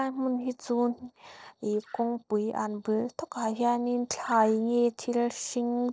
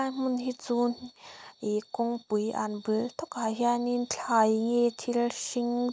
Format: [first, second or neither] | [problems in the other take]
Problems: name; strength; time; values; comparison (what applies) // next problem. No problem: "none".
second | noise reduction (neural separator model SepFormer DNS4)